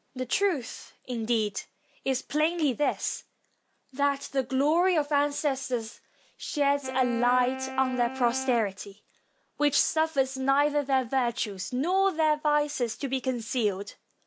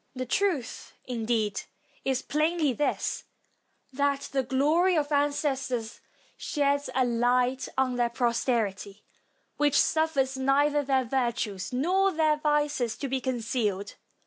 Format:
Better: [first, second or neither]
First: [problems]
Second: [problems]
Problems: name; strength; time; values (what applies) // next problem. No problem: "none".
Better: second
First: background sound (Wind instrument, woodwind instrument); 11 dB below the speech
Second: none